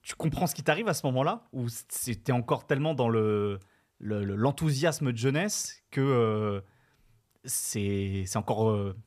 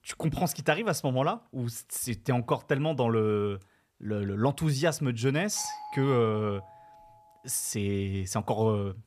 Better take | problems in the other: first | doorbell; faint; from 5.5 to 7 s; peak 10 dB below the speech

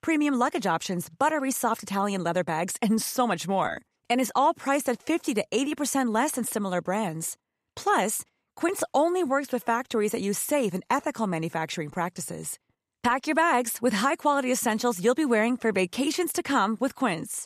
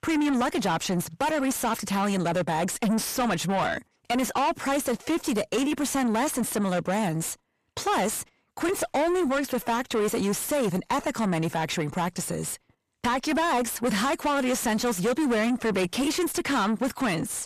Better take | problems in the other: first | distortion; heavy; 7 dB below the speech

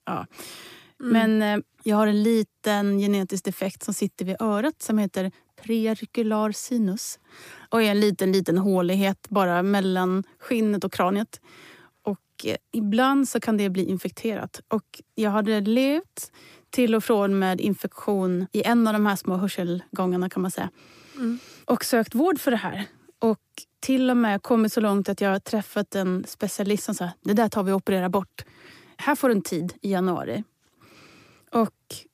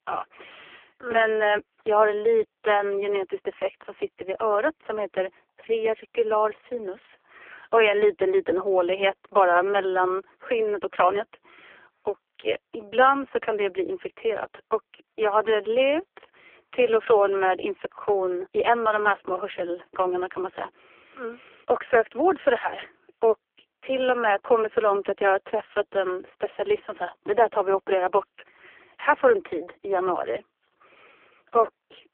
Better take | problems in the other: first | phone-call audio; poor line; nothing above 3 kHz

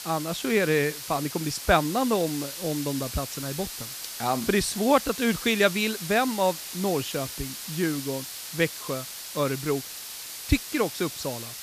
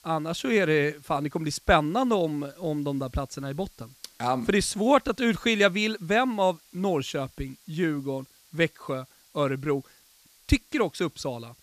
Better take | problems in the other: second | hiss; loud; throughout; 8 dB below the speech; faint in the second

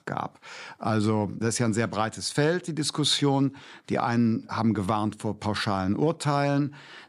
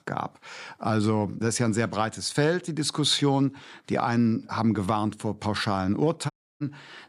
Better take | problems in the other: first | audio cutting out; at 6.5 s

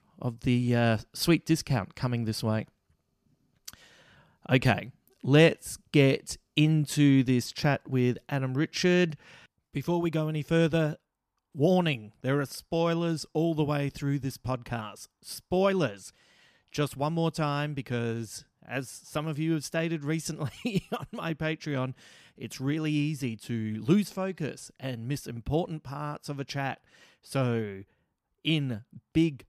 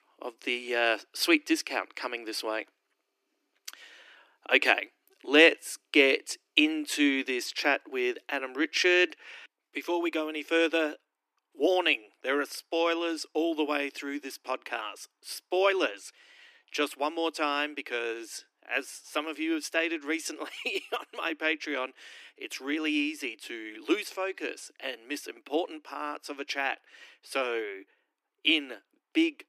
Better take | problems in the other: first | thin; somewhat; fading below 300 Hz

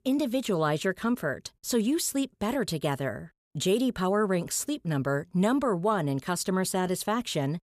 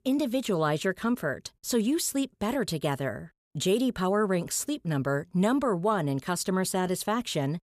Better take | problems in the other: neither | none

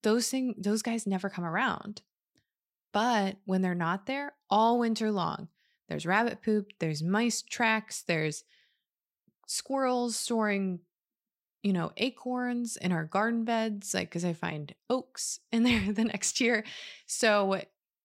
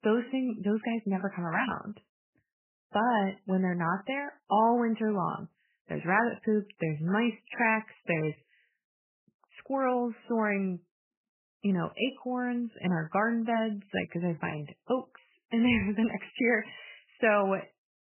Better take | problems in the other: first | garbled, watery; badly; nothing above 3 kHz

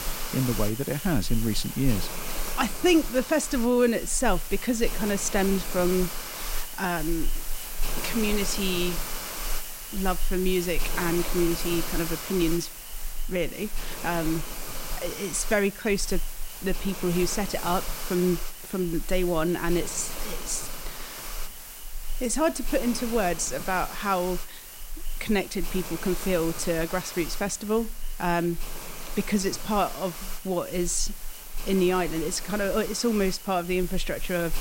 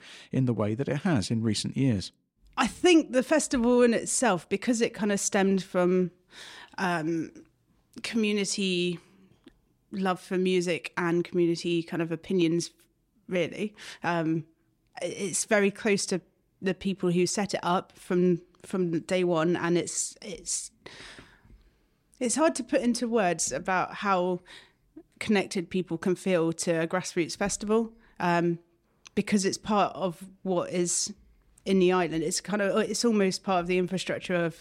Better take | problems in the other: second | hiss; loud; throughout; 8 dB below the speech

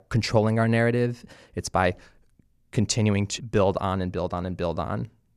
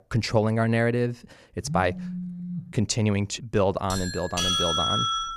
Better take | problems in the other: first | phone ringing; noticeable; from 1.5 to 2.5 s; peak 7 dB below the speech // doorbell; loud; from 4 s on; peak 4 dB above the speech

